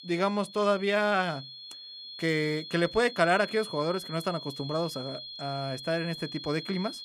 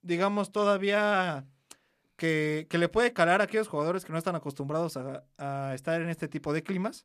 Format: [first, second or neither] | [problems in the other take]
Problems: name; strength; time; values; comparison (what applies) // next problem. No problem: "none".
second | high-pitched whine; noticeable; throughout; 4 kHz, 10 dB below the speech